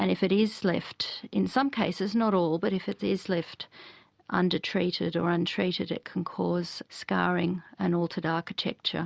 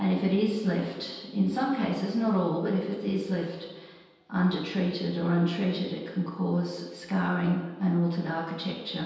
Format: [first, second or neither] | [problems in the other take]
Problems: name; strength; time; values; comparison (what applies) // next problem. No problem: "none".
first | room echo; dies away in 1.2 s